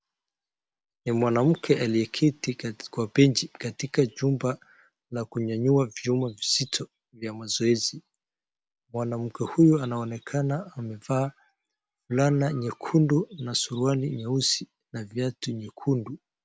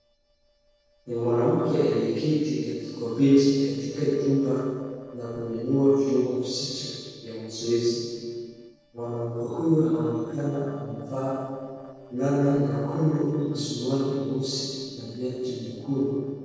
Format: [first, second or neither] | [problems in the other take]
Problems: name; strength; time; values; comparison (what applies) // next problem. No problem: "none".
first | noise reduction (neural separator model SepFormer DNS4)